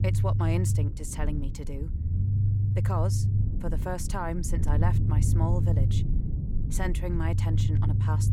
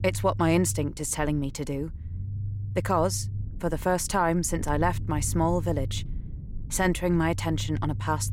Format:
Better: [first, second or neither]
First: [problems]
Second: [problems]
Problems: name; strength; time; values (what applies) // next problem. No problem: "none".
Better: second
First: low rumble; loud; throughout; 4 dB below the speech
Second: low rumble; faint; throughout; 20 dB below the speech